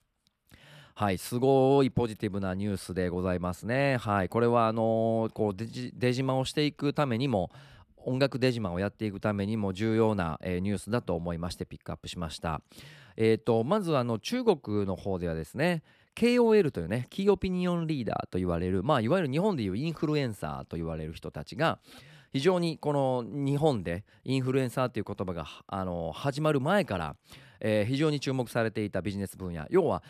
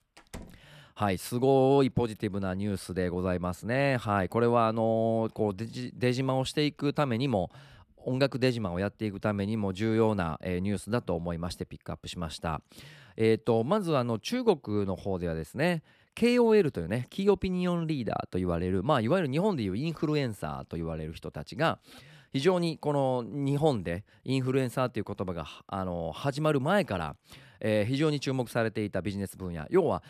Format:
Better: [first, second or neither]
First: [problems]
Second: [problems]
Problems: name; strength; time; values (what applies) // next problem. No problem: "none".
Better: first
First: none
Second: door banging; faint; at the start; peak 20 dB below the speech